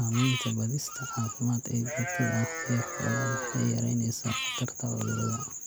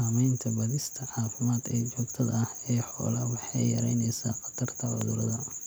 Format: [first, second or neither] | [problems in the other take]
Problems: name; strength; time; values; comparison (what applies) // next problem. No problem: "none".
second | background sound (Livestock, farm animals, working animals); 8 dB below the speech